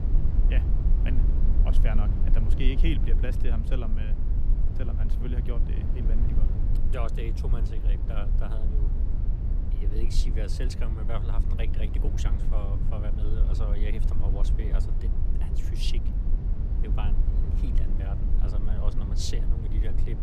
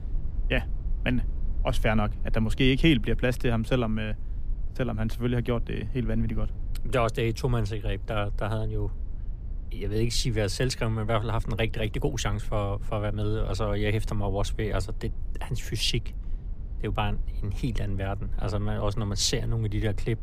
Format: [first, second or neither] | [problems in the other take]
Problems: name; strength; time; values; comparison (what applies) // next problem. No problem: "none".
second | low rumble; loud; throughout; 4 dB below the speech; faint in the second